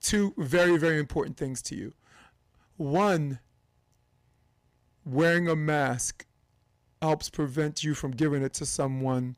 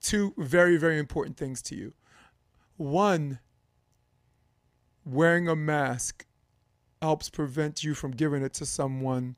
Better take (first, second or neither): second